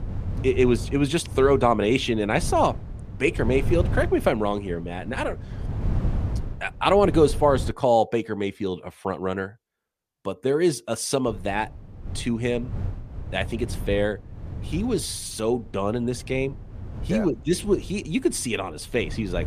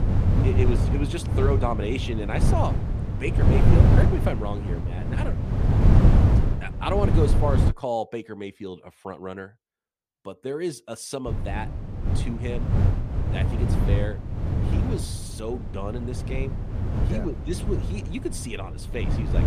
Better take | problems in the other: first | wind noise on the microphone; heavy; until 7.5 s and from 11 s on; 2 dB below the speech; occasional gusts in the first

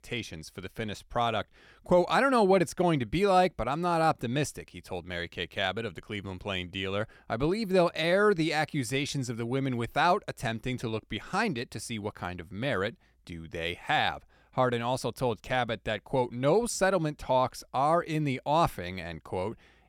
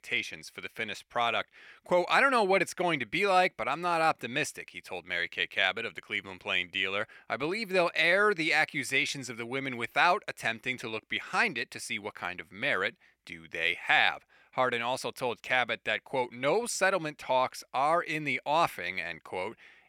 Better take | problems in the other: first | thin; somewhat; fading below 500 Hz

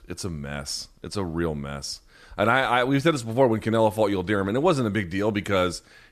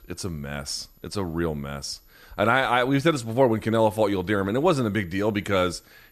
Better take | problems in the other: first | high-pitched whine; faint; throughout; 12 kHz, 35 dB below the speech

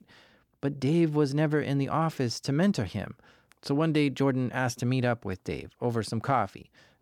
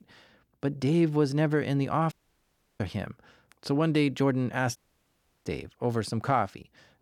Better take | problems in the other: first | audio cutting out; at 2 s for 0.5 s and at 5 s for 0.5 s

